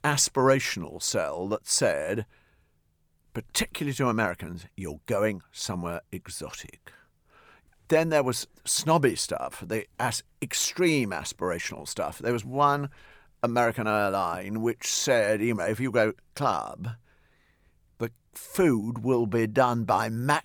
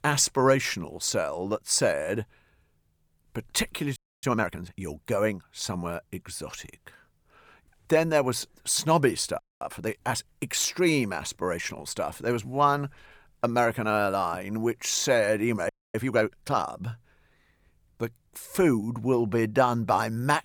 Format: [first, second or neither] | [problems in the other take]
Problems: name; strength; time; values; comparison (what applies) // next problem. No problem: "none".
first | audio freezing; at 4 s, at 9.5 s and at 16 s